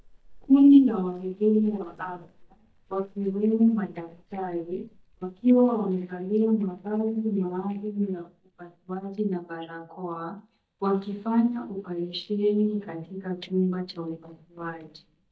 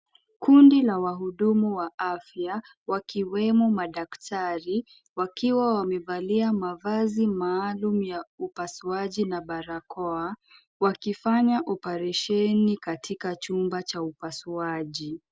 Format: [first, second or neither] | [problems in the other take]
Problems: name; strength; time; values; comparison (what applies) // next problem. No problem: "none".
second | noise reduction (neural mask model DeepFilterNet 3)